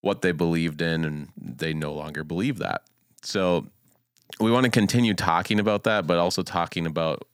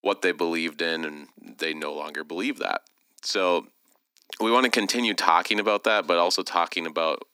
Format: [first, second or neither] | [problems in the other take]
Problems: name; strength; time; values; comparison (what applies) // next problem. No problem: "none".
first | thin; somewhat; fading below 250 Hz